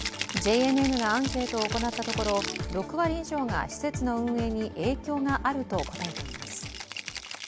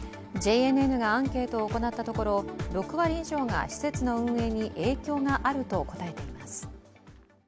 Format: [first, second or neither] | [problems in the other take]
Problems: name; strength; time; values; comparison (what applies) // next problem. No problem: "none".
second | background sound (Rattle (instrument)); 10 dB below the speech